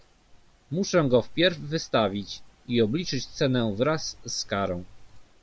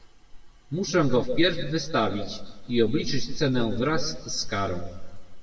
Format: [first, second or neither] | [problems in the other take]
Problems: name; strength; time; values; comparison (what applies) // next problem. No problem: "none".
first | room echo; dies away in 1.1 s